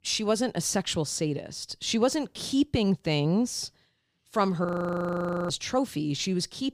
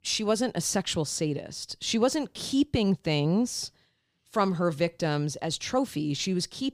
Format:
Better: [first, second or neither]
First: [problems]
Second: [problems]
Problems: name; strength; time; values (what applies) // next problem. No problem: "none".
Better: second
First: audio freezing; at 4.5 s for 1 s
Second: none